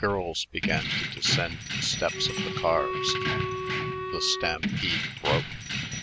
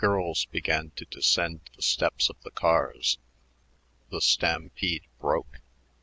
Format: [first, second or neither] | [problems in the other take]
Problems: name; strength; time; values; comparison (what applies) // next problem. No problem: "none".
second | background sound (Wind instrument, woodwind instrument + Keys jangling); as loud as the speech